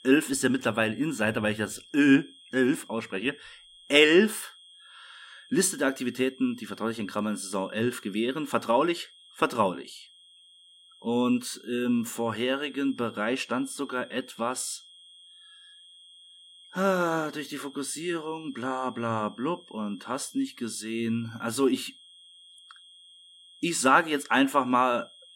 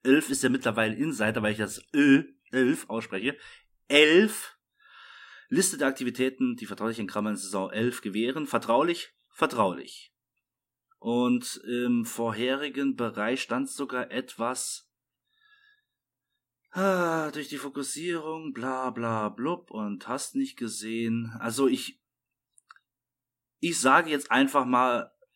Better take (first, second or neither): second